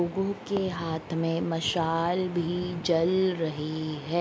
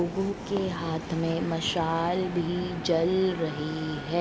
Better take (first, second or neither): first